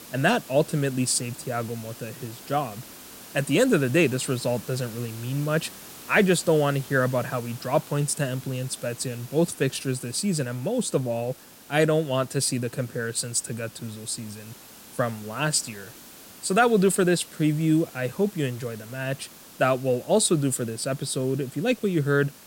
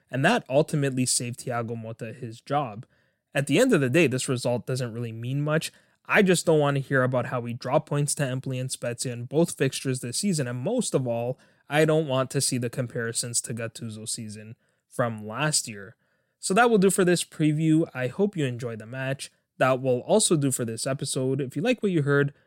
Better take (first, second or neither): second